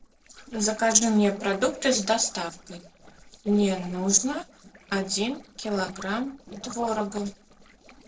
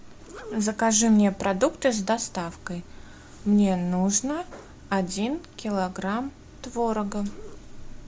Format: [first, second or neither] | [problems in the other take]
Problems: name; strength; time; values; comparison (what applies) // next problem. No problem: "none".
second | noise reduction (neural separator model SepFormer DNS4)